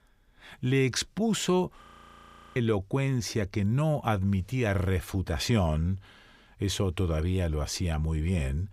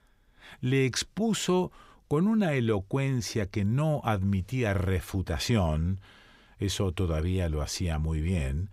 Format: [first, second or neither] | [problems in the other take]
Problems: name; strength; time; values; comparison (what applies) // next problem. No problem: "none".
second | audio freezing; at 2 s for 0.5 s